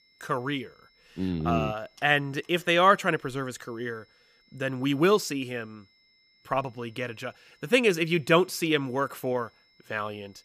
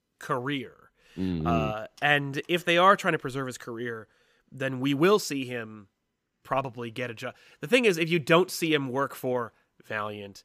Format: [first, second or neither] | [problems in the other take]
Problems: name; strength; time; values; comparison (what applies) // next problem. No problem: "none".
second | high-pitched whine; faint; throughout; 2 kHz, 35 dB below the speech